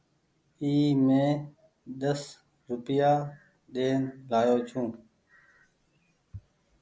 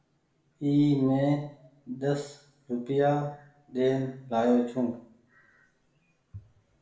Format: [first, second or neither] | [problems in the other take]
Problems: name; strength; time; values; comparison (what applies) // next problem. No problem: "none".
first | room echo; dies away in 0.6 s